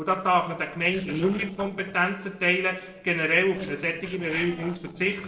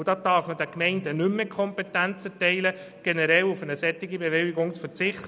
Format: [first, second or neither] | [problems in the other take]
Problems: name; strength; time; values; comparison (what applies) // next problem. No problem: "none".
second | noise reduction (neural separator model SepFormer DNS4)